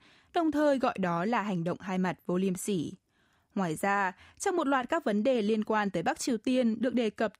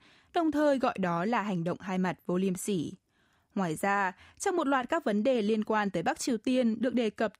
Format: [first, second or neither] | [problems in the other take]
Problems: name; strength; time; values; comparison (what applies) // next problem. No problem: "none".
neither | none